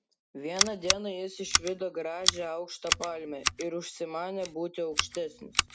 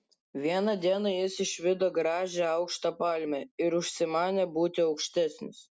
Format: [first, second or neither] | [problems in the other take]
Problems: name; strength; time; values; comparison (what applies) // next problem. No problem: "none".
second | background sound (Scissors); 3 dB above the speech